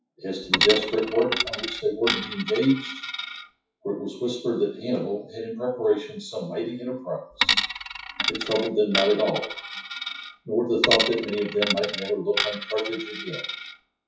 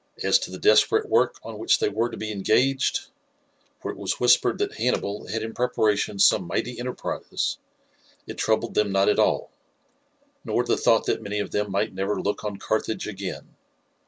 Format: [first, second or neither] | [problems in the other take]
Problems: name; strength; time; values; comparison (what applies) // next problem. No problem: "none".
second | noise reduction (classical method WPE with log-MMSE)